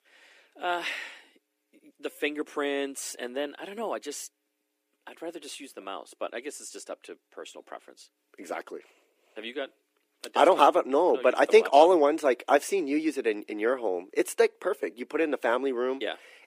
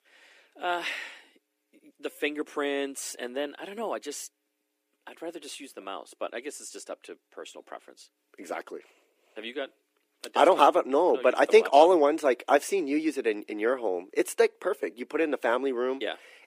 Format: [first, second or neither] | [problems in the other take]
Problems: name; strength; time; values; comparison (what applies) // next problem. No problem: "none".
neither | thin; somewhat; fading below 300 Hz; the same in both